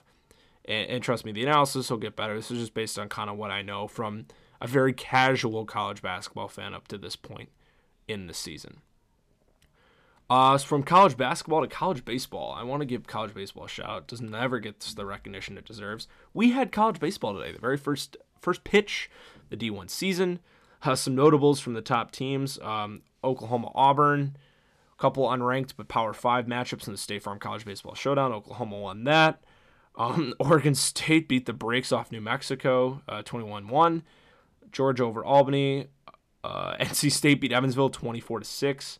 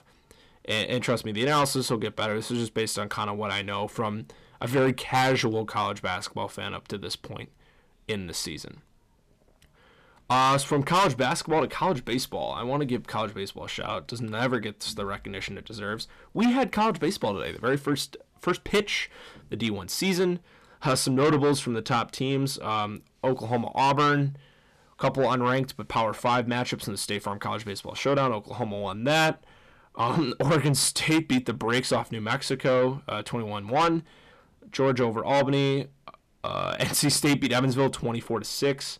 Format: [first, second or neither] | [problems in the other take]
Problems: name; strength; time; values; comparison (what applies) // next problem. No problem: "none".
first | distortion; heavy; 7 dB below the speech